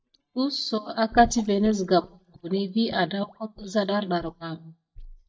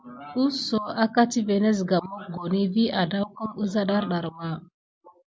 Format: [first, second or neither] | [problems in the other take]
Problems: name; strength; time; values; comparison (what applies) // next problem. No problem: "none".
second | noise reduction (neural mask model DeepFilterNet 3)